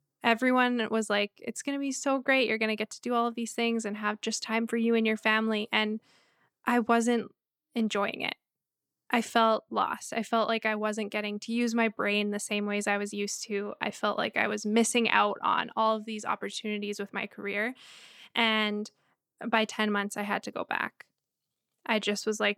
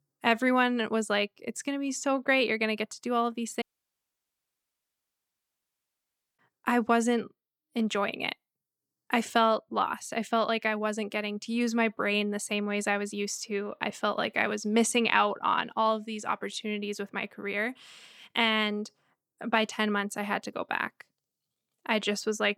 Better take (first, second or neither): first